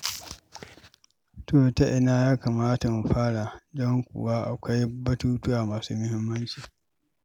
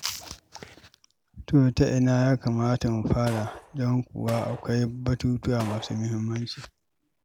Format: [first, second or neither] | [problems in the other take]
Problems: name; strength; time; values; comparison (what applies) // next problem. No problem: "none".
first | background sound (Gunshot, gunfire); 17 dB below the speech